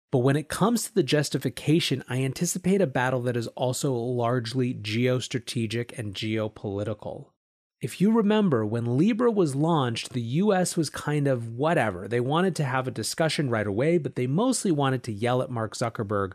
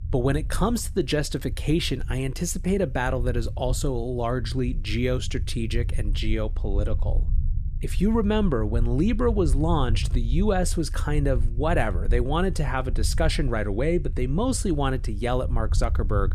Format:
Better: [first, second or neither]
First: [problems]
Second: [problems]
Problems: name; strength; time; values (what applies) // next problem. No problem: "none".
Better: first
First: none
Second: low rumble; noticeable; throughout; 20 dB below the speech